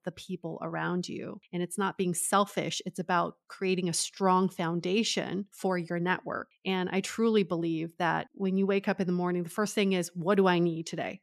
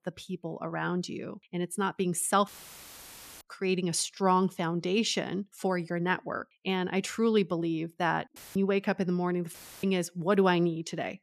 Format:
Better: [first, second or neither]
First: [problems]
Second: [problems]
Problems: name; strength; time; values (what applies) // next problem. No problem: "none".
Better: first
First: none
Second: audio cutting out; filled with static; at 2.5 s for 1 s, at 8.5 s and at 9.5 s